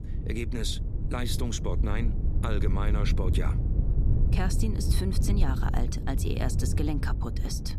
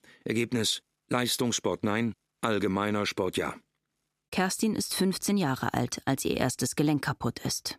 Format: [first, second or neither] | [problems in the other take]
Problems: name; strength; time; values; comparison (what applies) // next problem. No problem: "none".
second | wind noise on the microphone; heavy; 7 dB below the speech